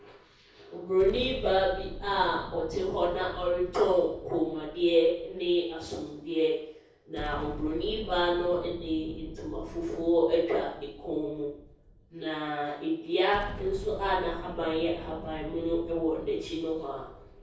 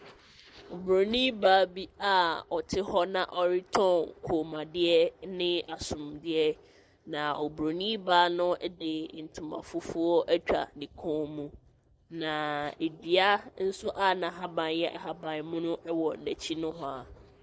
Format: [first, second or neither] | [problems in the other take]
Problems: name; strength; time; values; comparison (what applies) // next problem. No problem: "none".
second | background sound (Explosion); 14 dB below the speech // room echo; dies away in 0.6 s